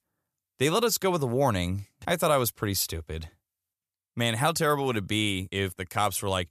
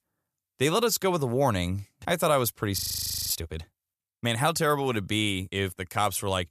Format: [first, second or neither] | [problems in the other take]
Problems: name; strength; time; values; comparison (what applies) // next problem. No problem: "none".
first | audio freezing; at 3 s for 0.5 s